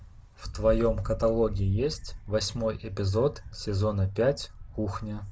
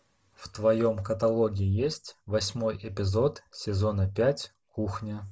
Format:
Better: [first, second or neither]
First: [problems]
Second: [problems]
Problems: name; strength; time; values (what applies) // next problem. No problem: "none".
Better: second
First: background sound (Wind); 10 dB below the speech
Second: none